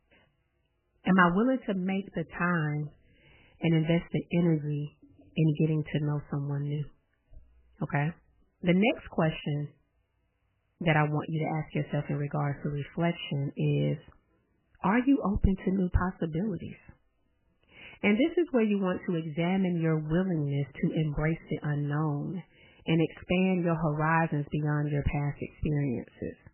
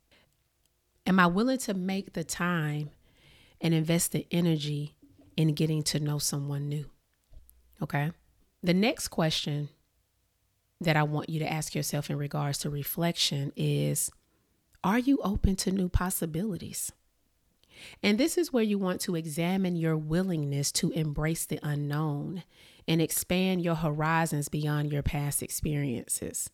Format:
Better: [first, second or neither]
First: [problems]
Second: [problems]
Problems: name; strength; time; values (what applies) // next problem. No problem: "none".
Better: second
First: garbled, watery; badly; nothing above 3 kHz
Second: none